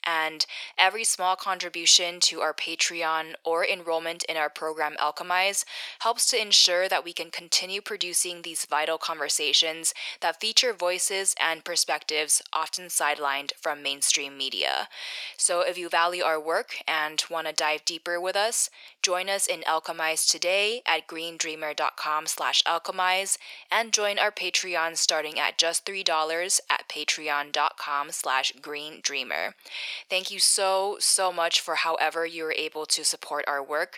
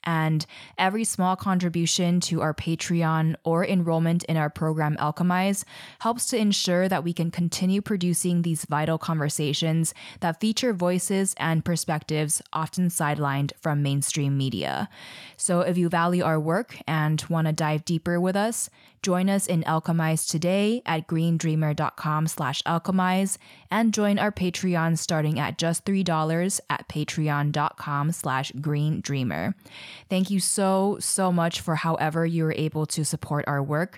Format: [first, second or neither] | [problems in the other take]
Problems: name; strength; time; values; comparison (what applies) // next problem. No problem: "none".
second | thin; very; fading below 450 Hz